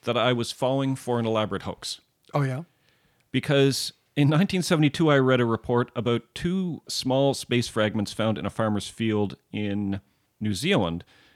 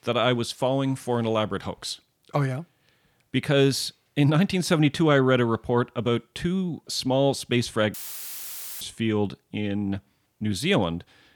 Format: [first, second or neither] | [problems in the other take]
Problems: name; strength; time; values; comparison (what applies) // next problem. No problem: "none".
first | audio cutting out; filled with static; at 8 s for 1 s